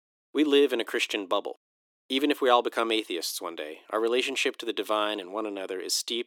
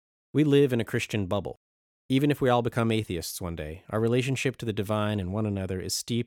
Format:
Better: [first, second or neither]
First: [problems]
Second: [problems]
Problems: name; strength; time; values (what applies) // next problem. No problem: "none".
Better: second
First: thin; somewhat; fading below 300 Hz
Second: none